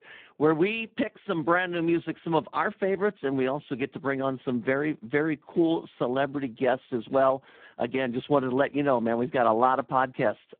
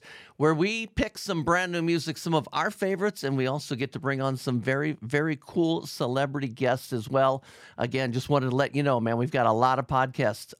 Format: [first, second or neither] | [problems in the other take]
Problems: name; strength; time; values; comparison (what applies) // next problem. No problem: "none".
second | phone-call audio; poor line